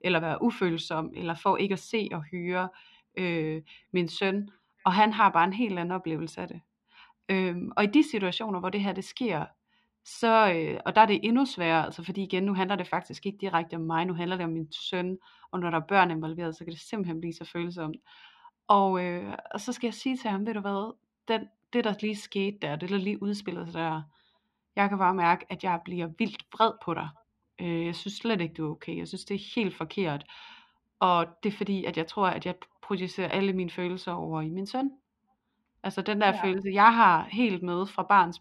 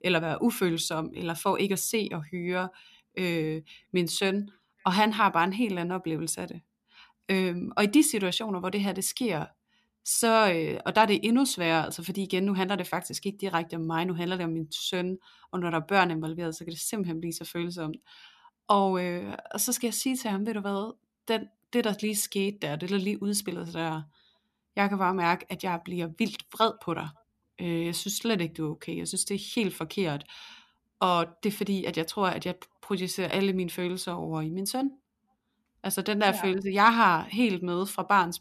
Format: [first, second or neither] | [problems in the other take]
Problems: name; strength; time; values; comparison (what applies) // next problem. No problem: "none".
second | muffled; slightly; fading above 3 kHz